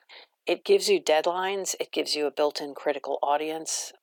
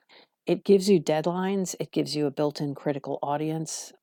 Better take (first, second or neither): second